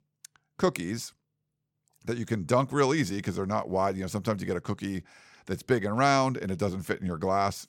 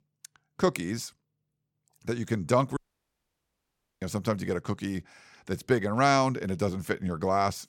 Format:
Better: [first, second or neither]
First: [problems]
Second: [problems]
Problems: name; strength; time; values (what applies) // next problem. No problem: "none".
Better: first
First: none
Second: audio cutting out; at 3 s for 1 s